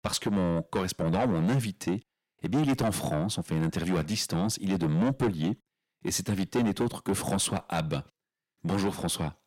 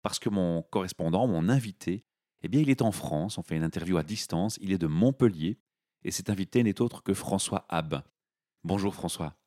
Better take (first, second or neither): second